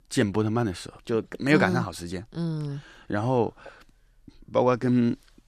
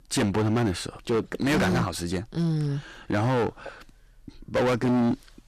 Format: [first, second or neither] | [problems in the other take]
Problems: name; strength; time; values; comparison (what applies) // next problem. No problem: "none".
first | distortion; heavy; 16% of the sound clipped